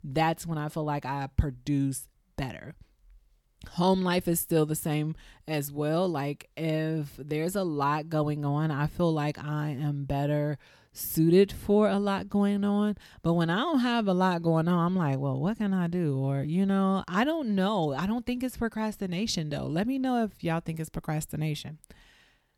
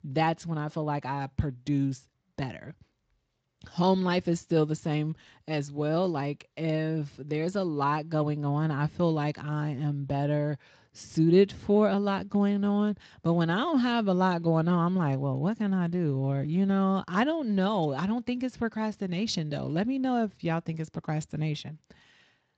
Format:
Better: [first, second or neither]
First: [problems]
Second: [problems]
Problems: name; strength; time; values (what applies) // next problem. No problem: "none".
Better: first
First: none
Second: garbled, watery; slightly; nothing above 7.5 kHz